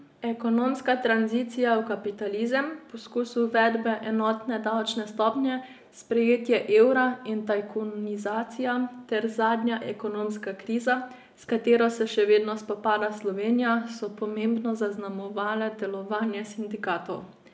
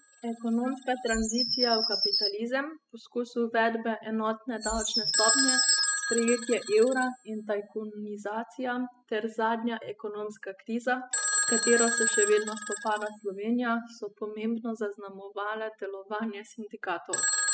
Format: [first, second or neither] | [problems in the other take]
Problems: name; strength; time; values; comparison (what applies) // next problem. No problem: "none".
first | noise reduction (classical method spectral subtraction)